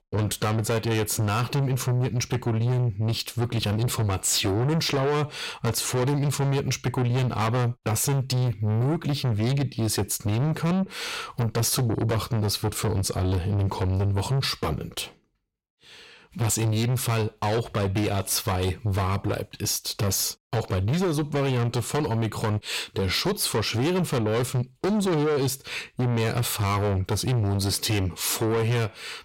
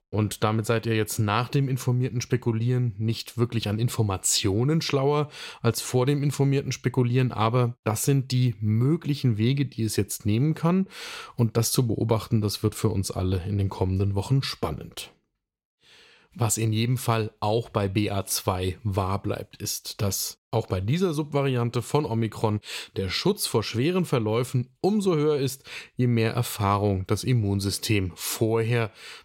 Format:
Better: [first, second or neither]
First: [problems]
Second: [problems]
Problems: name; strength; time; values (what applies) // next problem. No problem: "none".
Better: second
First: distortion; heavy; 7 dB below the speech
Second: none